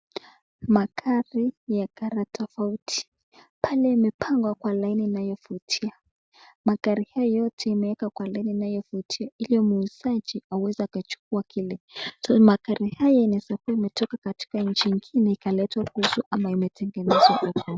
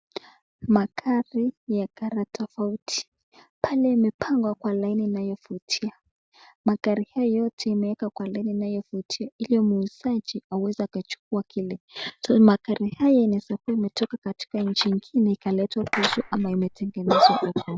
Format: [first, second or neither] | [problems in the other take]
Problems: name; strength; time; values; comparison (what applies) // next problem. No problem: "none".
first | background sound (Clapping); 10 dB below the speech